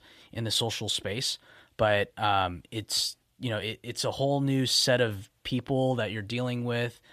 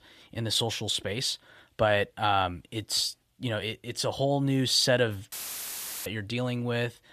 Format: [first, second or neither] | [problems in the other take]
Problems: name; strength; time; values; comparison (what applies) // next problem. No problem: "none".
first | audio cutting out; filled with static; at 5.5 s for 0.5 s